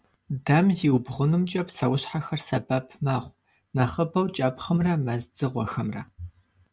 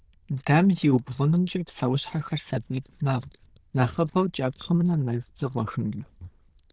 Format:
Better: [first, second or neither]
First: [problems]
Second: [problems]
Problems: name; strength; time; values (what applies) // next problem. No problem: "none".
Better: first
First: none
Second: noise reduction (neural diffusion model UNIVERSE++)